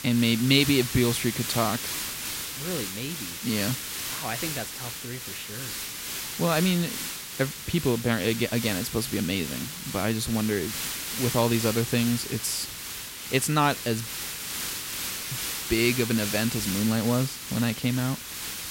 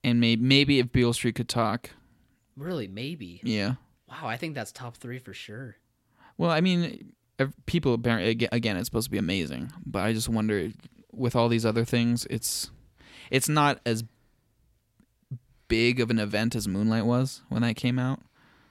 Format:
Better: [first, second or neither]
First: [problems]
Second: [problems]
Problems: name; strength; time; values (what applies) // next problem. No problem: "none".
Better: second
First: hiss; loud; throughout; 5 dB below the speech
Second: none